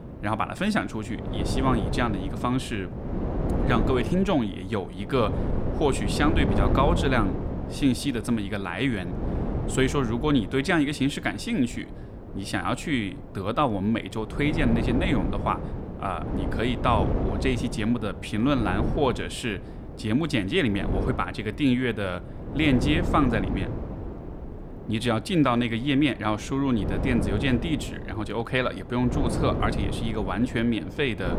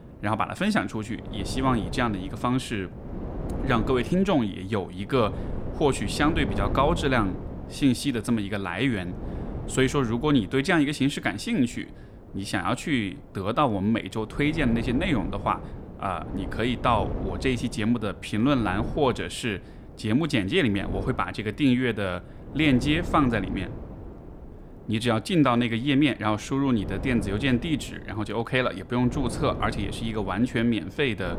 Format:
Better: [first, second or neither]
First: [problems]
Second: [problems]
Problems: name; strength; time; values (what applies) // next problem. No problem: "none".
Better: second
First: wind noise on the microphone; heavy; 9 dB below the speech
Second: wind noise on the microphone; occasional gusts; 15 dB below the speech